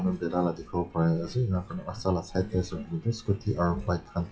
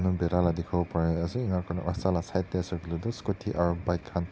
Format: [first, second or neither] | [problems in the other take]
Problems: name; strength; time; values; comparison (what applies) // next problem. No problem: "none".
second | noise reduction (classical method WPE with log-MMSE)